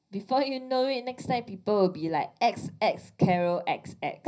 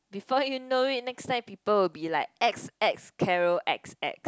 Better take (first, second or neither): second